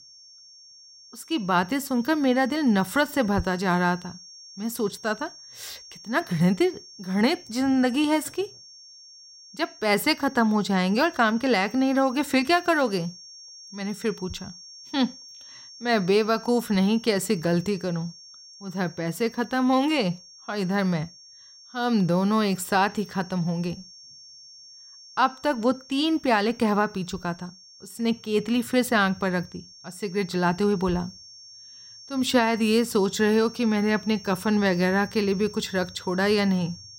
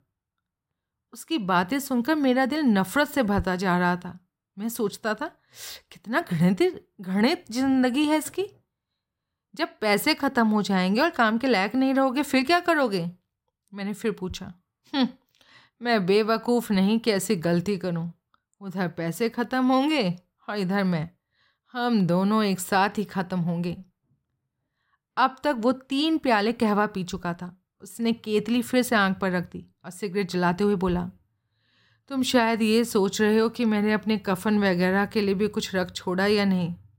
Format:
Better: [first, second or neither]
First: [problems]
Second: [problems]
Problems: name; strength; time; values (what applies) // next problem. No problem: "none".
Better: second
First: high-pitched whine; noticeable; throughout; 5.5 kHz, 20 dB below the speech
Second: none